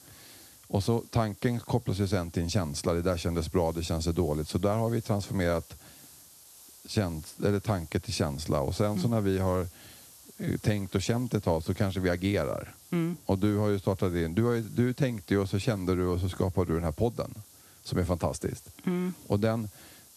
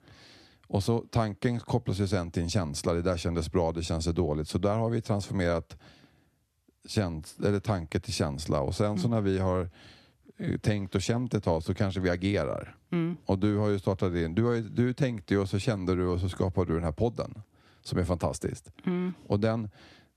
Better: second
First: hiss; faint; throughout; 20 dB below the speech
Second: none

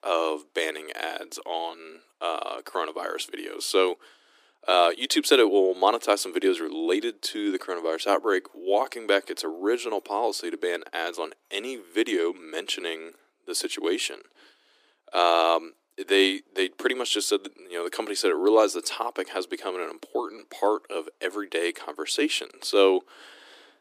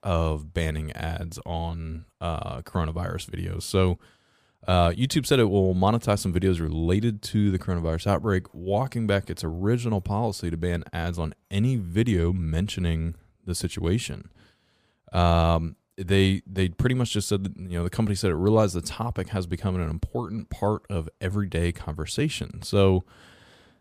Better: second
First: thin; very; fading below 300 Hz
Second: none

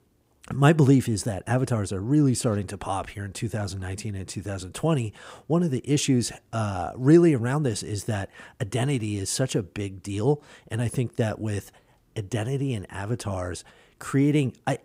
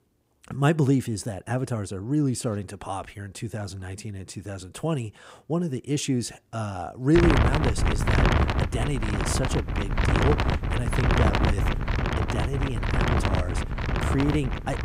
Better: first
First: none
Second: wind noise on the microphone; heavy; from 7 s on; 3 dB above the speech

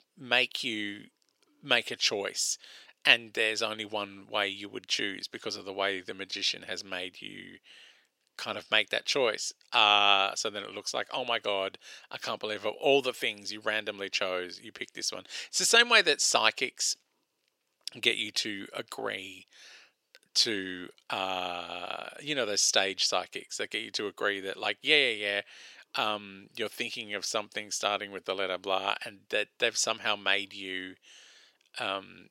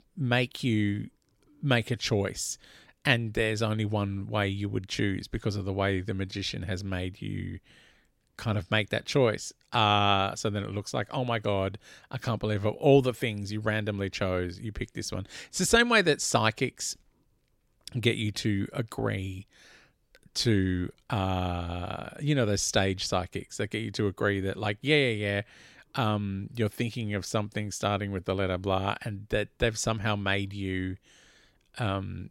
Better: second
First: thin; very; fading below 450 Hz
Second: none

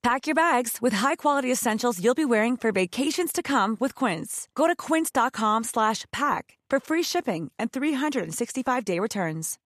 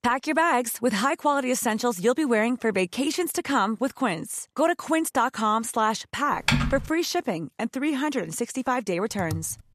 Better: first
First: none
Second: keyboard typing; loud; at 6.5 s; peak 2 dB above the speech // keyboard typing; faint; at 9 s; peak 10 dB below the speech

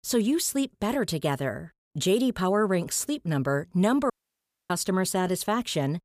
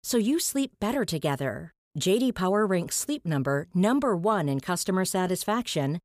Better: second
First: audio cutting out; at 4 s for 0.5 s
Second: none

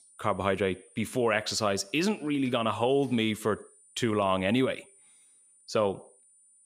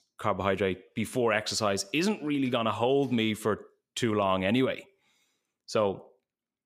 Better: second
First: high-pitched whine; faint; throughout; 9 kHz, 30 dB below the speech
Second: none

